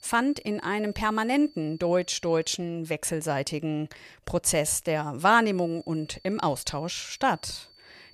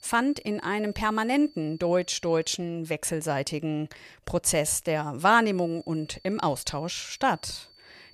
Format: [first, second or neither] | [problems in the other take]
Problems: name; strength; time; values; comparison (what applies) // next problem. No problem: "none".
neither | high-pitched whine; faint; until 2.5 s and from 5.5 s on; 4.5 kHz, 25 dB below the speech; the same in both